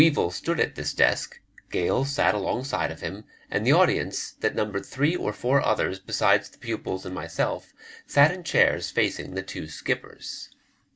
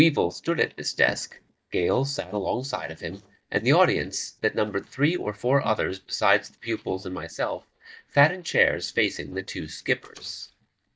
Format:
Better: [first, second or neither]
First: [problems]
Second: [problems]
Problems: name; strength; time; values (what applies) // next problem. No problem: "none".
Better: first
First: none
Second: noise reduction (neural mask model DeepFilterNet 3)